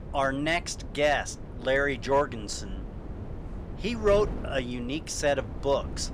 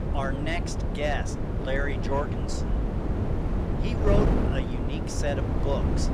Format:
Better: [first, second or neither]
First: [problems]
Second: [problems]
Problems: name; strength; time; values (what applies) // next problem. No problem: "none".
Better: first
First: wind noise on the microphone; occasional gusts; 20 dB below the speech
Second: wind noise on the microphone; heavy; 3 dB below the speech